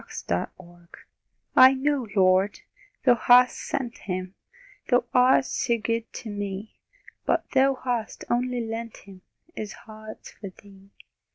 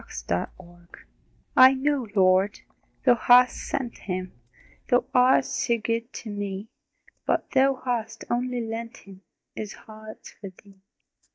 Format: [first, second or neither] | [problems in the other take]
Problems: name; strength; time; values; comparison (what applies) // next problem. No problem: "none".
first | noise reduction (neural mask model DeepFilterNet 3)